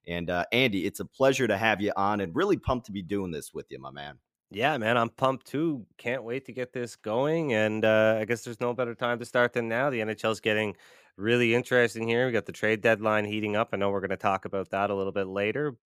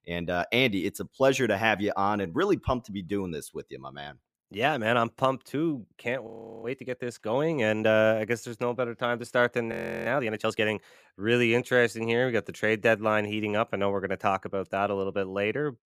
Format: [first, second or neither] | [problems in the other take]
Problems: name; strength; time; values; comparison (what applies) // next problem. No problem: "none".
first | audio freezing; at 6.5 s and at 9.5 s